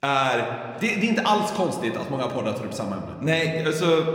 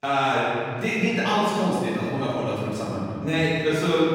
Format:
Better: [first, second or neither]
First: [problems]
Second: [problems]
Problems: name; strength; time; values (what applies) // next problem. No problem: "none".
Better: first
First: room echo; slight; dies away in 1.7 s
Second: room echo; strong; dies away in 2.1 s // off-mic speech; far